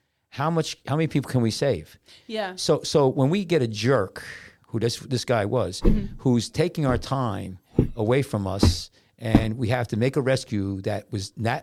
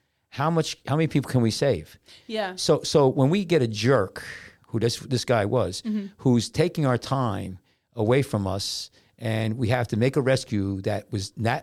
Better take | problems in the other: second | footsteps; loud; from 6 to 9.5 s; peak 2 dB above the speech

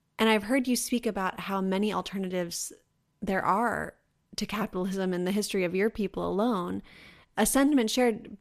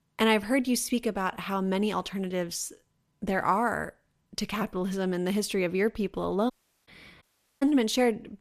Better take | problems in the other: first | audio cutting out; at 6.5 s and at 7 s

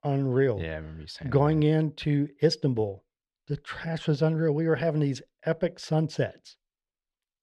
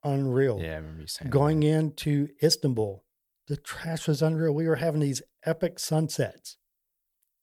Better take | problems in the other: second | muffled; very slightly; fading above 3 kHz

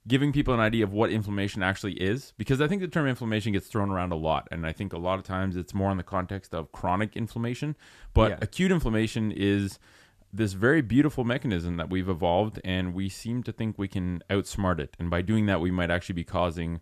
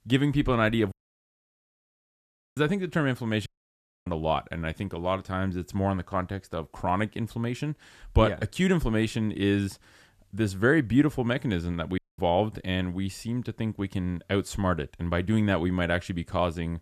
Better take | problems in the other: first | audio cutting out; at 1 s for 1.5 s, at 3.5 s for 0.5 s and at 12 s

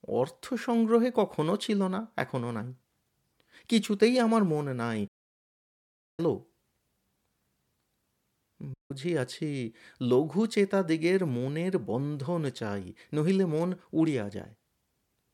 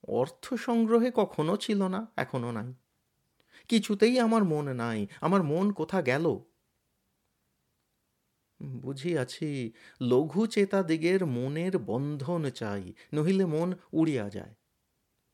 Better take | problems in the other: second | audio cutting out; at 5 s for 1 s and at 8.5 s

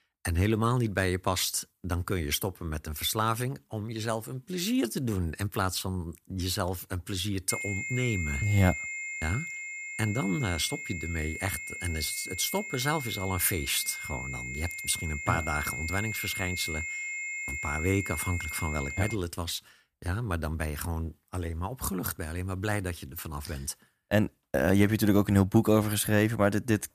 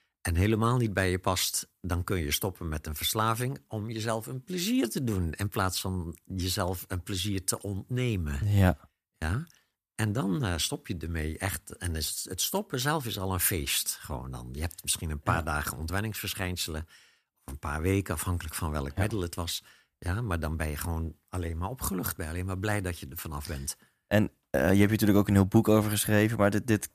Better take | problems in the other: second | high-pitched whine; loud; from 7.5 to 19 s; 2 kHz, 5 dB below the speech

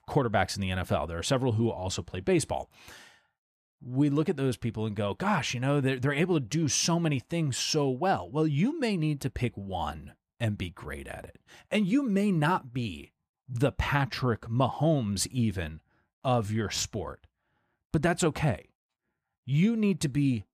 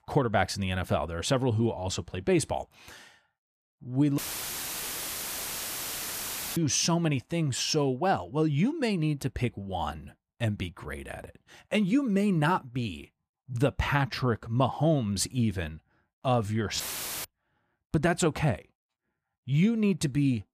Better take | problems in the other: first | audio cutting out; filled with static; at 4 s for 2.5 s and at 17 s

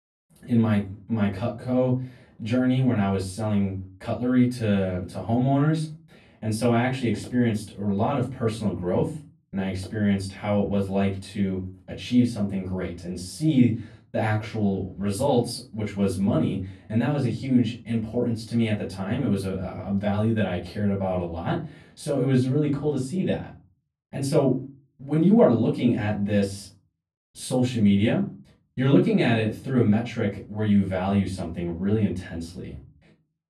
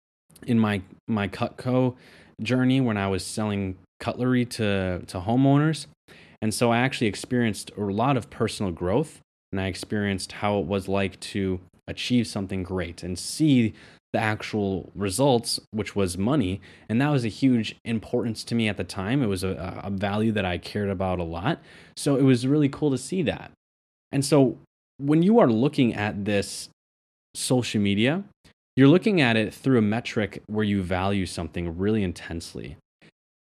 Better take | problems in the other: second | off-mic speech; far // room echo; slight; dies away in 0.4 s

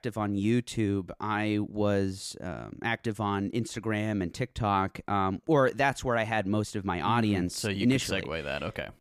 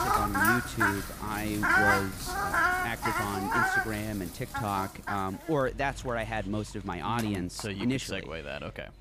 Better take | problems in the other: first | animal sounds; very loud; throughout; 5 dB above the speech

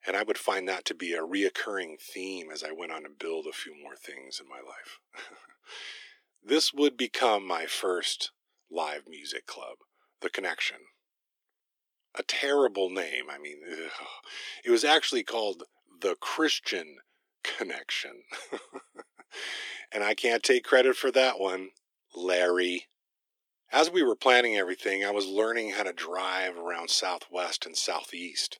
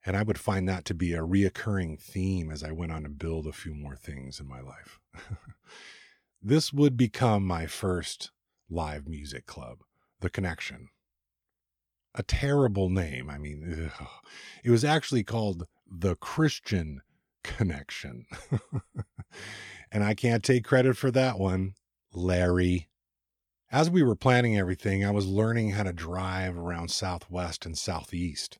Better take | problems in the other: second | thin; very; fading below 300 Hz

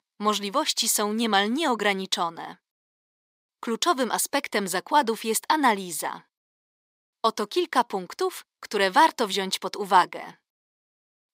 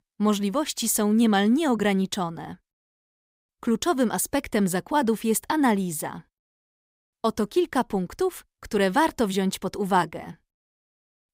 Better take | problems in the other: second | thin; somewhat; fading below 300 Hz

